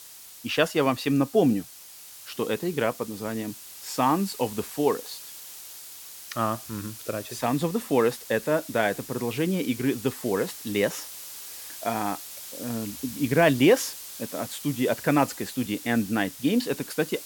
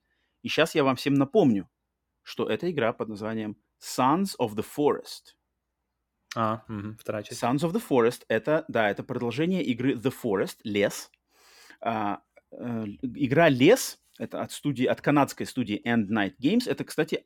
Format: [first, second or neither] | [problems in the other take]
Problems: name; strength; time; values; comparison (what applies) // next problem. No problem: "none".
second | hiss; noticeable; throughout; 15 dB below the speech